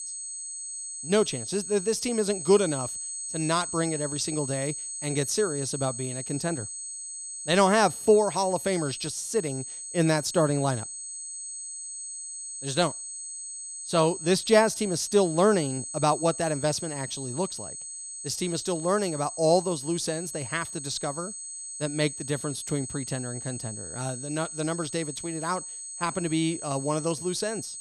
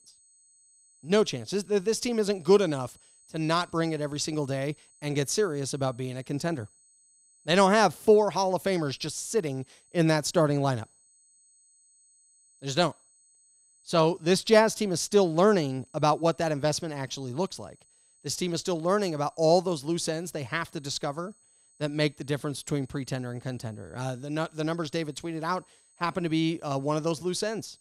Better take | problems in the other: second | high-pitched whine; loud; throughout; 8 kHz, 7 dB below the speech; faint in the second

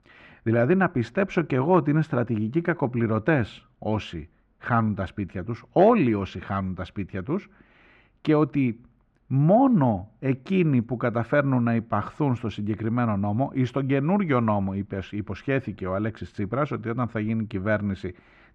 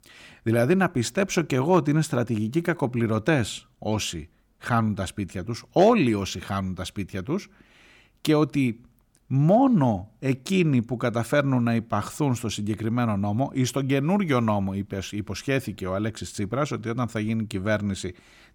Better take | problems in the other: second | muffled; very; fading above 2 kHz

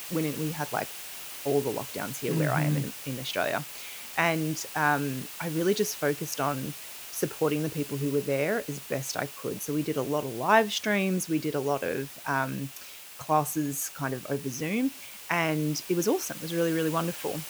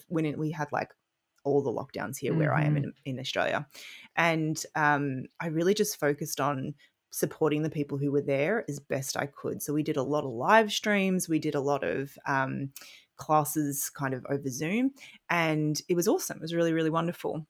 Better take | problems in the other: second | hiss; noticeable; throughout; 10 dB below the speech

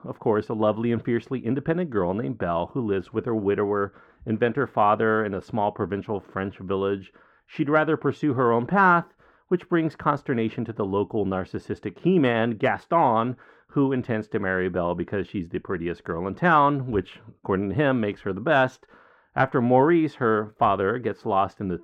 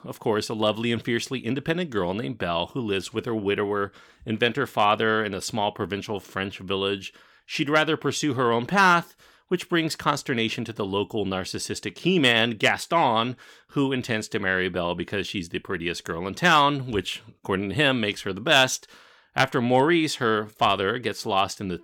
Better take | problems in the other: second | muffled; very; fading above 2.5 kHz

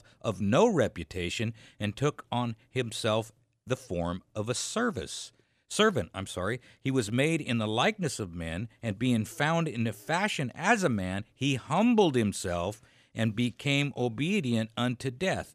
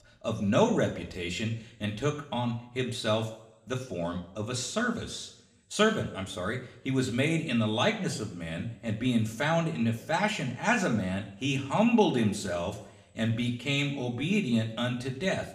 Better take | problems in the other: first | room echo; very slight; dies away in 0.6 s // off-mic speech; somewhat distant

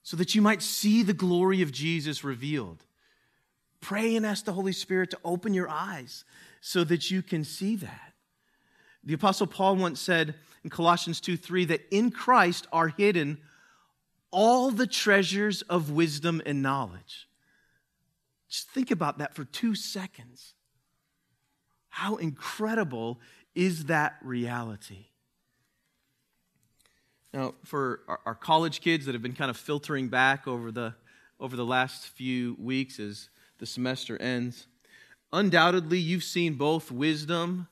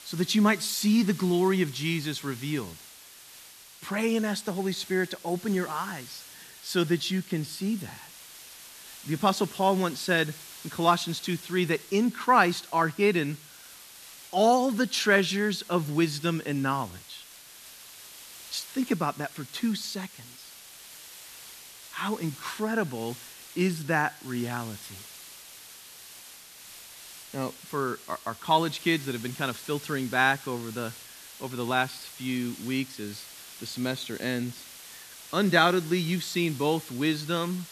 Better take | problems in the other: first | hiss; noticeable; throughout; 15 dB below the speech

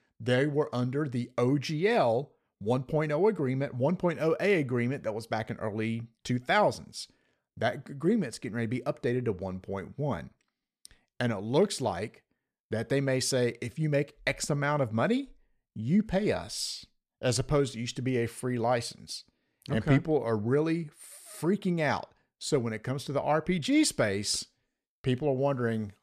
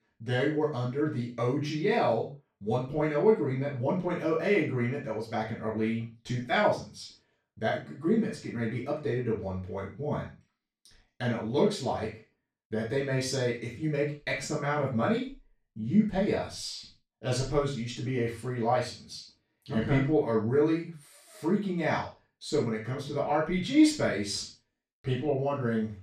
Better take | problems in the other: first | room echo; noticeable; dies away in 0.3 s // off-mic speech; far

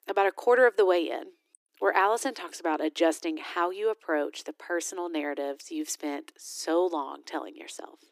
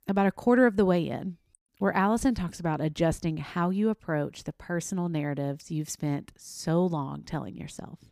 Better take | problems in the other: second | thin; very; fading below 300 Hz

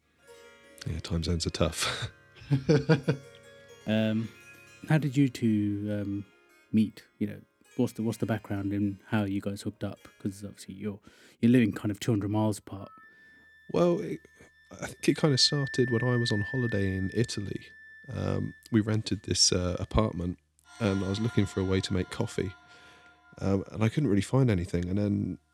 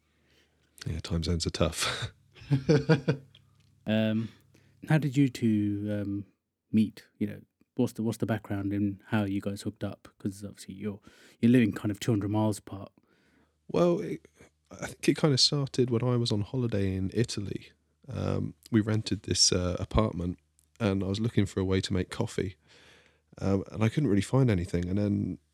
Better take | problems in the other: second | background music; noticeable; throughout; 15 dB below the speech

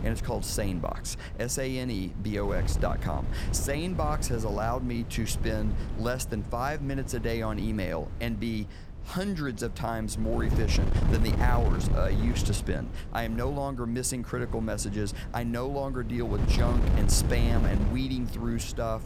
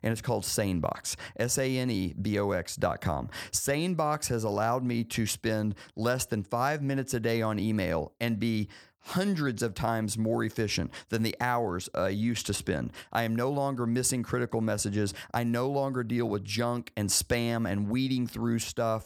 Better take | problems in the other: second | wind noise on the microphone; heavy; 9 dB below the speech

